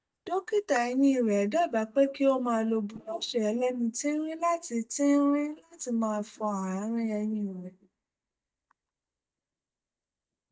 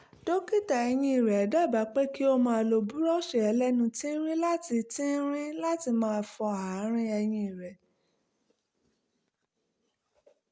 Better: second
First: noise reduction (neural mask model DeepFilterNet 3)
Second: none

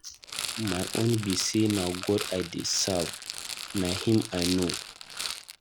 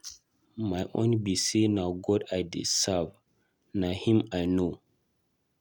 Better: second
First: background sound (Rattle); 7 dB below the speech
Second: none

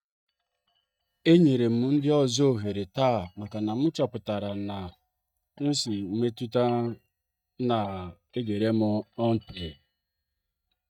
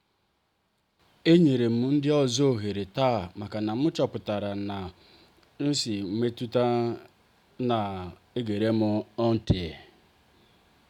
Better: second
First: noise reduction (neural mask model DeepFilterNet 3)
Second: none

